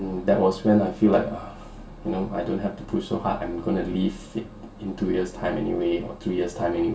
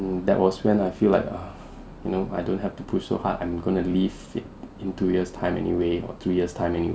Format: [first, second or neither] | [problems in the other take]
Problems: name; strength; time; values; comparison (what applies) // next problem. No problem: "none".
second | room echo; dies away in 0.2 s